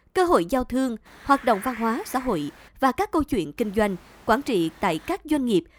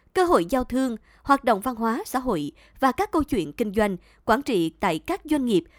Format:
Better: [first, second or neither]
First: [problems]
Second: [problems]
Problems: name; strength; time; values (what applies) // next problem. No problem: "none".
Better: second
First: hiss; noticeable; from 1 to 2.5 s and from 3.5 to 5 s; 20 dB below the speech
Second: none